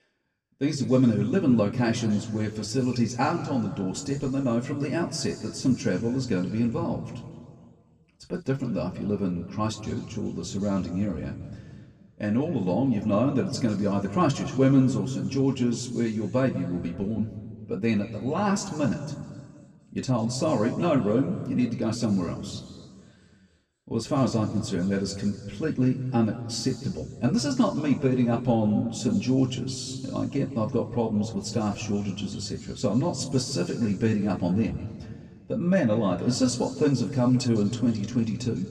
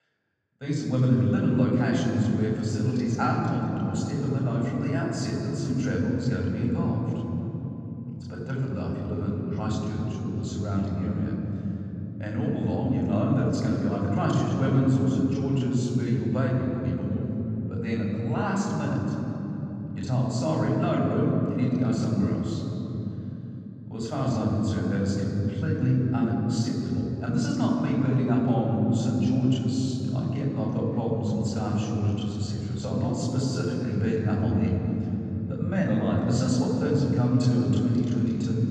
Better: first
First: room echo; slight; dies away in 1.8 s // off-mic speech; somewhat distant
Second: room echo; strong; dies away in 3 s // off-mic speech; far

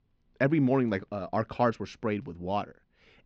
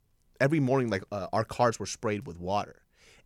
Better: second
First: muffled; slightly; fading above 4 kHz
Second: none

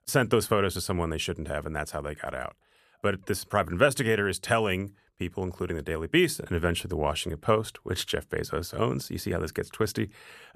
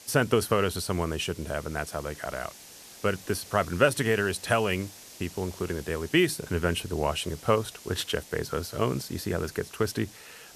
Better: first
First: none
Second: hiss; noticeable; throughout; 15 dB below the speech

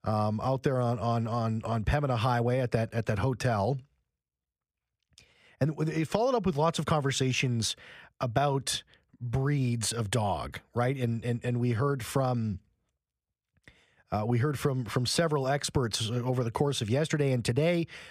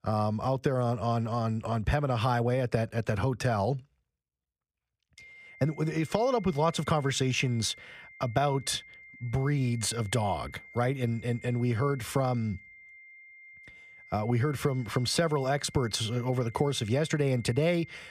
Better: first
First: none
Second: high-pitched whine; faint; from 5 s on; 2 kHz, 20 dB below the speech

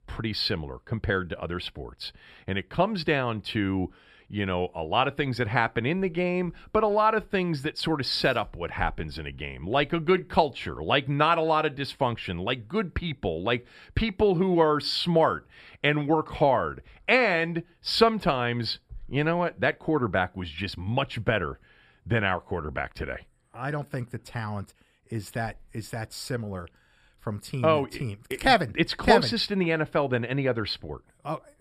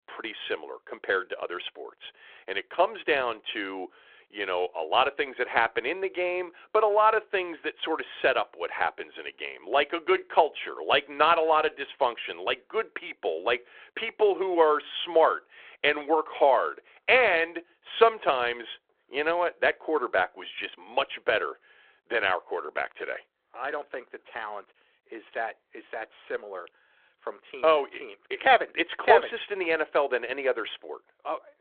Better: first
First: none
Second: phone-call audio

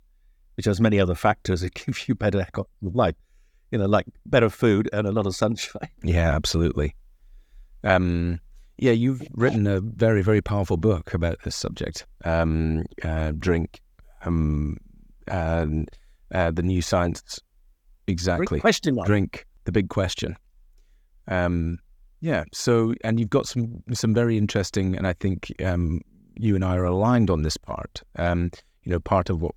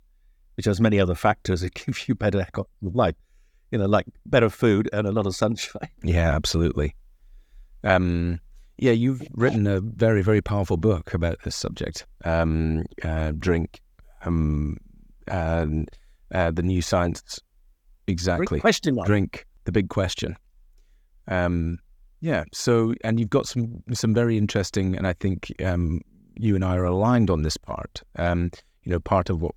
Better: neither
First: none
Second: none

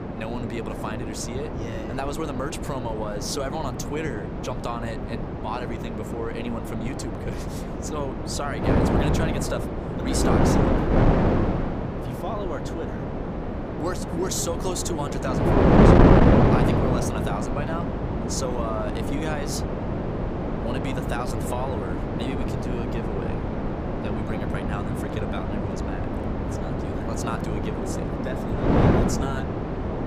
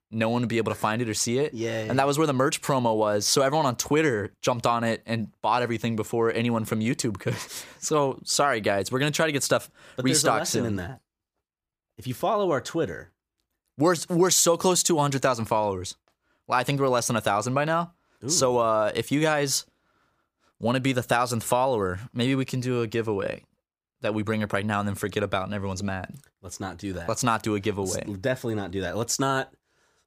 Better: second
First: wind noise on the microphone; heavy; 4 dB above the speech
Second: none

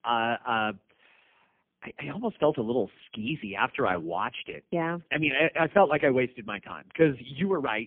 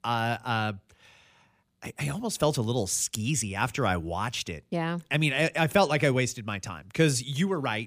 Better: second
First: phone-call audio; poor line; nothing above 3 kHz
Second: none

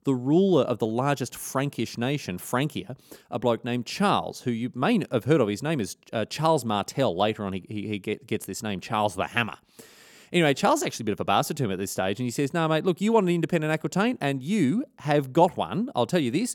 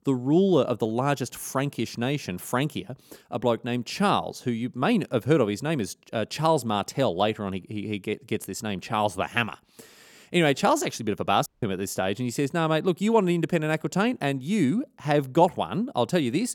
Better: first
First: none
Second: audio cutting out; at 11 s

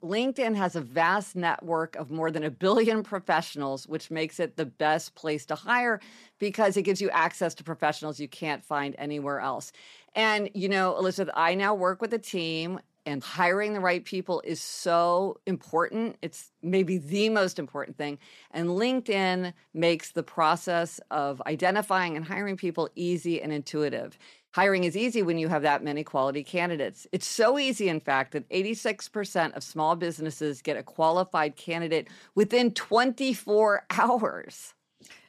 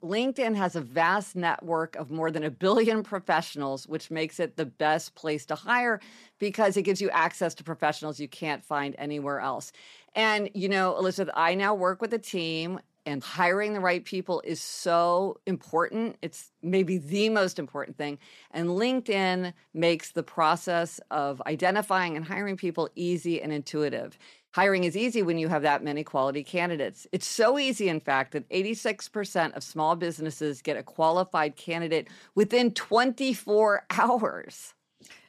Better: neither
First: none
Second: none

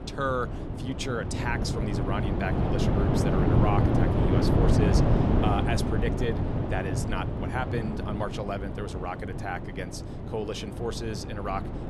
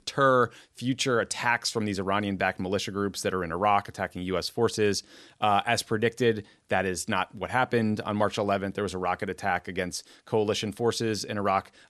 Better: second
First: wind noise on the microphone; heavy; as loud as the speech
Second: none

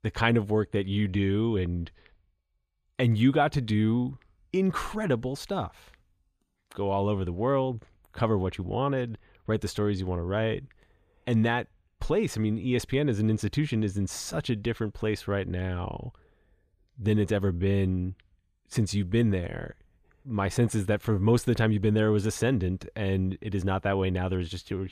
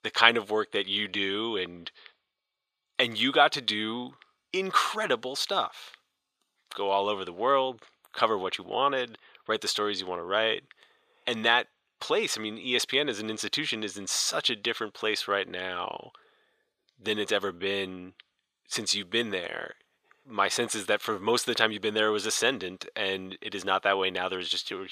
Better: first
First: none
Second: thin; very; fading below 500 Hz

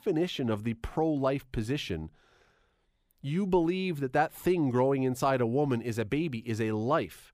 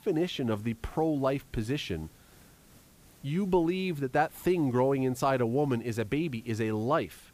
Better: first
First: none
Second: hiss; faint; throughout; 25 dB below the speech

